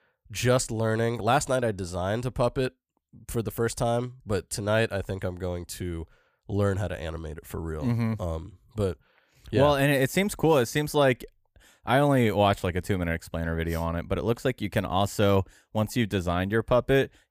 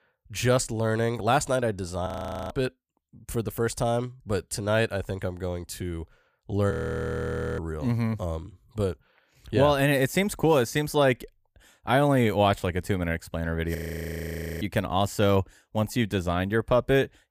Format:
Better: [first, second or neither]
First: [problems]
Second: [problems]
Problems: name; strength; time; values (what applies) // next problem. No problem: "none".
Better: first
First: none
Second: audio freezing; at 2 s, at 6.5 s for 1 s and at 14 s for 1 s